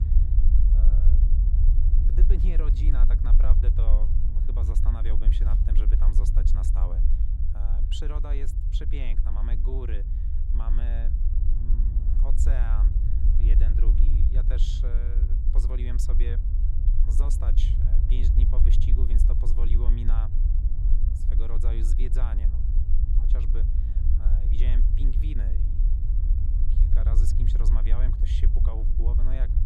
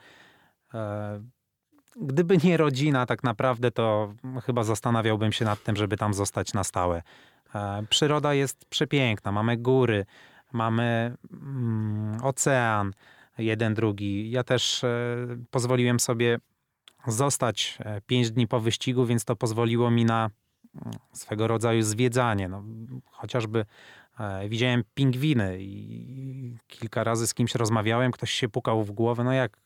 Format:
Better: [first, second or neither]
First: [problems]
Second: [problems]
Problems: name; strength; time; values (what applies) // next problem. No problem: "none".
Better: second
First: low rumble; loud; throughout; 2 dB below the speech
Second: none